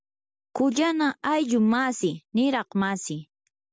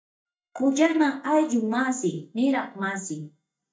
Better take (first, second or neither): first